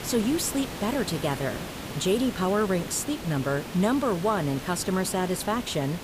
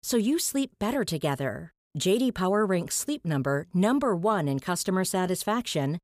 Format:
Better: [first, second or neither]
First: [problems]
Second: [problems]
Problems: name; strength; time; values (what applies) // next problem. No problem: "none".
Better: second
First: hiss; loud; throughout; 10 dB below the speech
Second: none